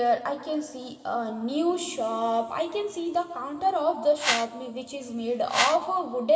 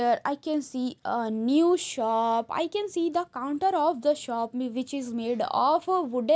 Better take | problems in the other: second | background sound (Whoosh, swoosh, swish); 3 dB below the speech // room echo; dies away in 2.3 s

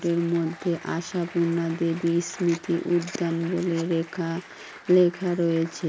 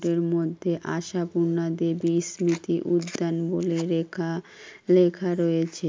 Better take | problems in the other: second | background sound (Applause); 19 dB below the speech

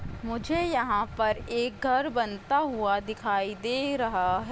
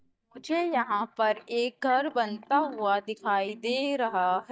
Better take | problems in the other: first | noise reduction (neural mask model DeepFilterNet 3)

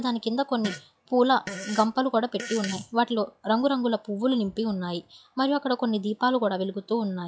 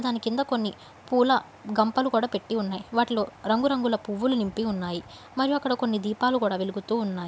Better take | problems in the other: second | noise reduction (classical method log-MMSE)

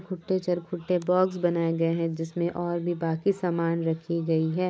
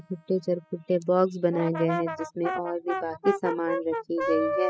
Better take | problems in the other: first | noise reduction (classical method spectral subtraction)

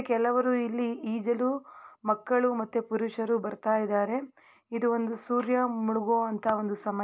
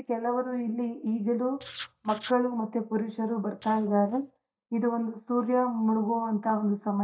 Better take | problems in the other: first | noise reduction (neural mask model DeepFilterNet 3)

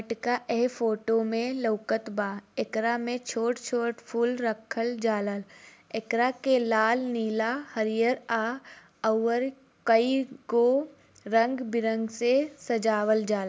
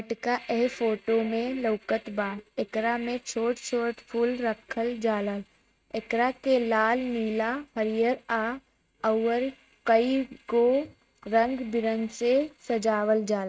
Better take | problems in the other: first | noise reduction (neural mask model RNNoise)

